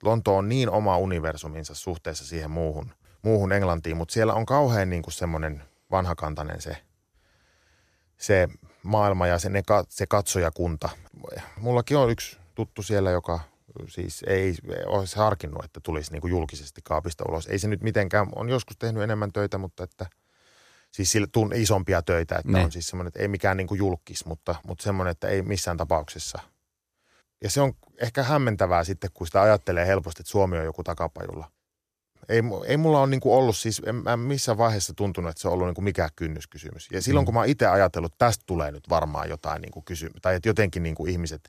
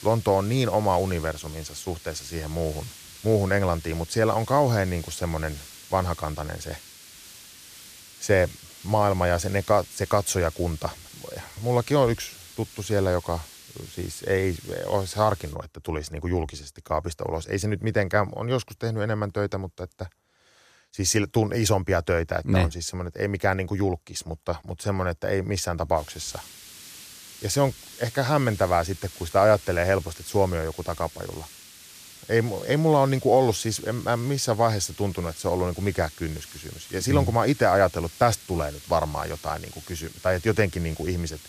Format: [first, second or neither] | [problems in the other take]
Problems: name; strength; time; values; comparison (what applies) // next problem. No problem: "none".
first | hiss; noticeable; until 16 s and from 26 s on; 15 dB below the speech